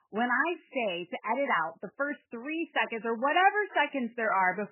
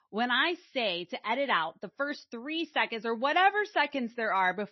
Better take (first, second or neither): second